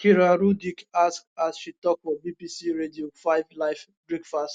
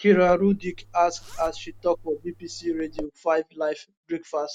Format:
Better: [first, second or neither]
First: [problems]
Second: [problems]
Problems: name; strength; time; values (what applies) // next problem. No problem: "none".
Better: first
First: none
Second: background sound (Zipper (clothing)); 17 dB below the speech